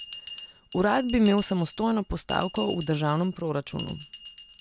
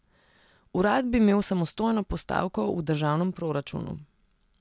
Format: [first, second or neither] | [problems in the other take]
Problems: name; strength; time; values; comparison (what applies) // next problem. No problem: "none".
second | background sound (Bell); 16 dB below the speech